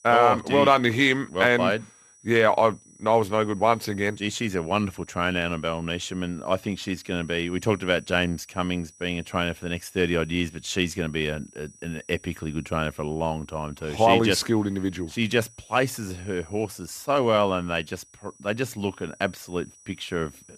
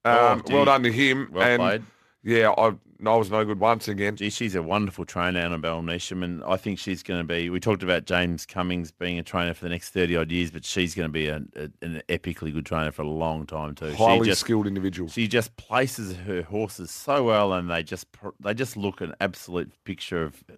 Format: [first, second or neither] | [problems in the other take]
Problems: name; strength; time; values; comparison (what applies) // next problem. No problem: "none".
second | high-pitched whine; faint; throughout; 6 kHz, 25 dB below the speech